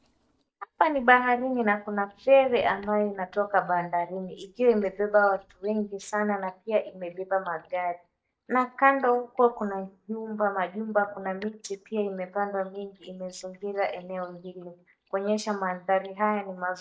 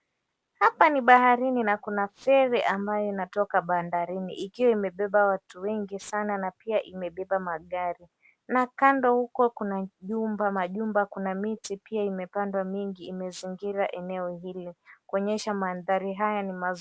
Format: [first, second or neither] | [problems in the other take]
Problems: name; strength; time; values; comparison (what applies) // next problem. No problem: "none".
second | noise reduction (neural mask model DeepFilterNet 3)